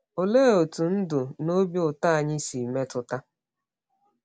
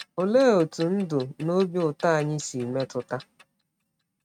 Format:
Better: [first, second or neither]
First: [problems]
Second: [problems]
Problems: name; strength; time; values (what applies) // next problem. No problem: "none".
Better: first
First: none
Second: noise reduction (neural mask model RNNoise)